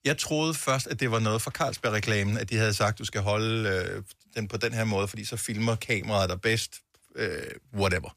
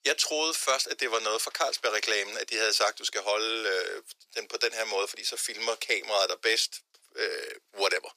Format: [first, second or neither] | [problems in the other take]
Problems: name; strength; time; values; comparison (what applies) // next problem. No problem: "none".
first | thin; very; fading below 350 Hz